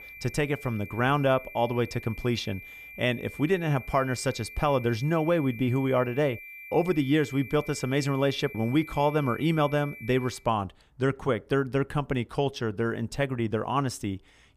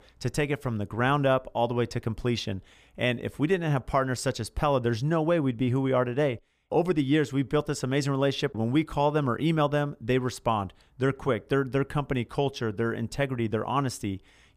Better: second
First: high-pitched whine; noticeable; until 10 s; 2.5 kHz, 15 dB below the speech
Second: none

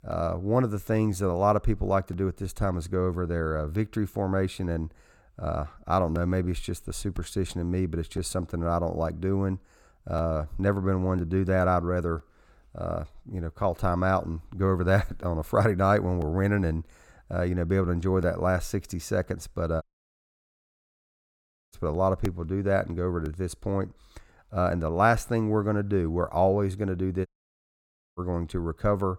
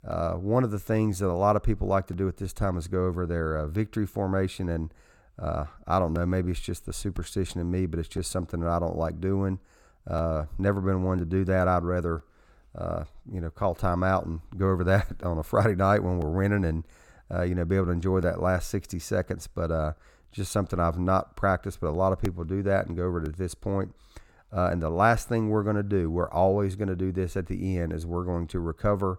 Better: second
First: audio cutting out; at 20 s for 2 s and at 27 s for 1 s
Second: none

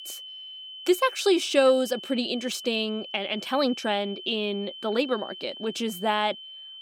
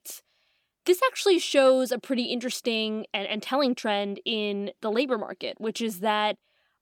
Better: second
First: high-pitched whine; noticeable; throughout; 3 kHz, 15 dB below the speech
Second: none

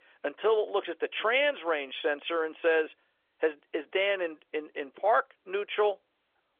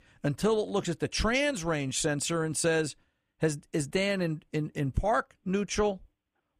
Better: second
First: phone-call audio; nothing above 3.5 kHz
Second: none

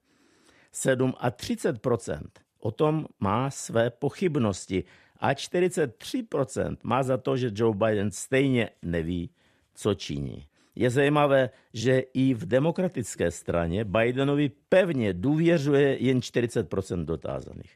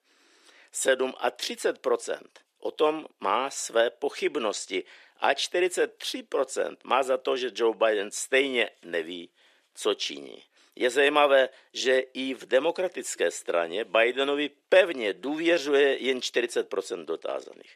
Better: first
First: none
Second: thin; somewhat; fading below 350 Hz

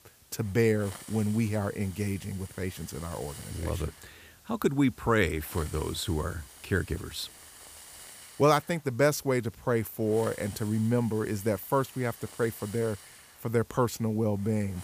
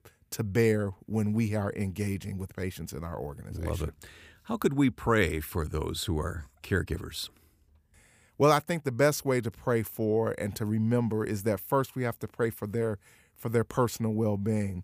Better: second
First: hiss; noticeable; throughout; 20 dB below the speech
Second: none

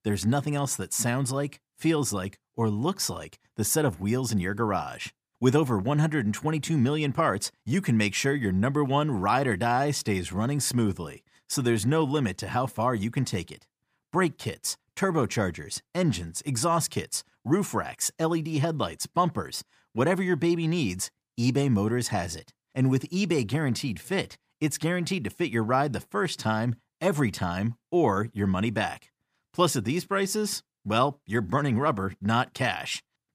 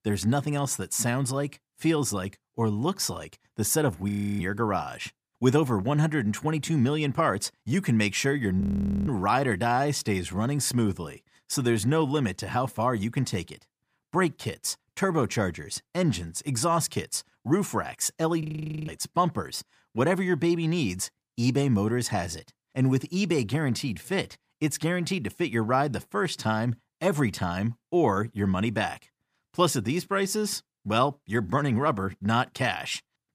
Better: first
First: none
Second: audio freezing; at 4 s, at 8.5 s and at 18 s

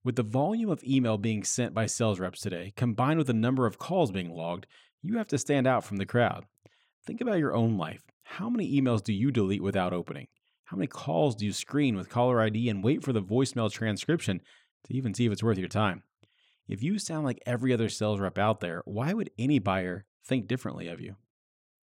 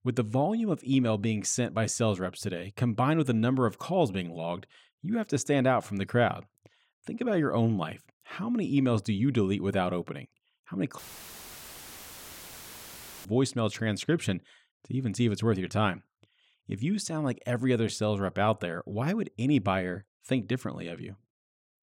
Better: first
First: none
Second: audio cutting out; filled with static; at 11 s for 2.5 s

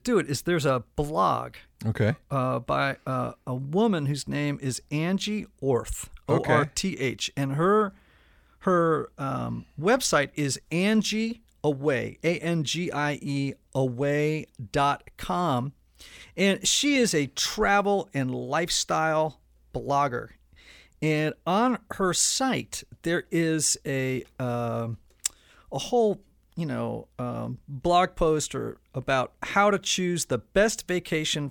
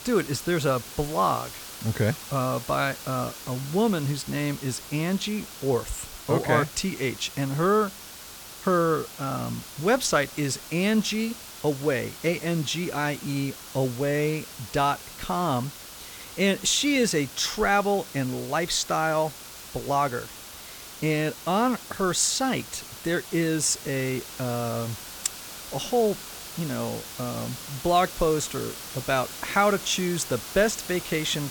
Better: first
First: none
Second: hiss; noticeable; throughout; 10 dB below the speech

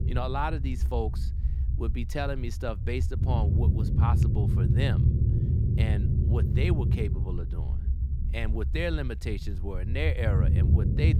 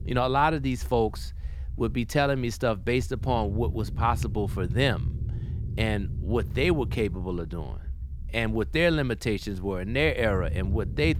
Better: second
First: low rumble; loud; throughout; 5 dB below the speech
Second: low rumble; faint; throughout; 20 dB below the speech

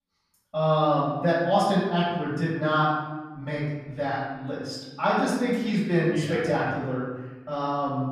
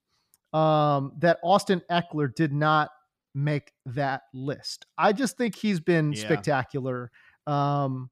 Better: second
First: off-mic speech; far // room echo; noticeable; dies away in 1.1 s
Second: none

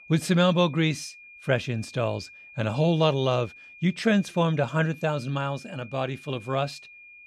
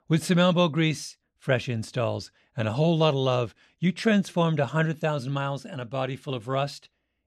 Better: second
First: high-pitched whine; noticeable; throughout; 2.5 kHz, 20 dB below the speech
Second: none

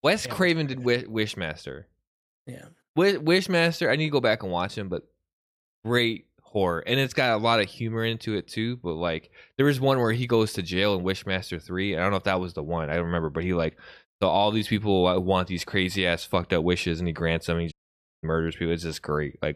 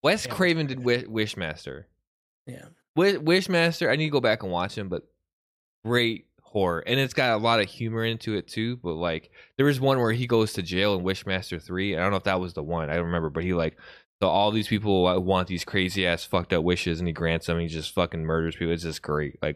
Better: second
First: audio cutting out; at 18 s for 0.5 s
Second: none

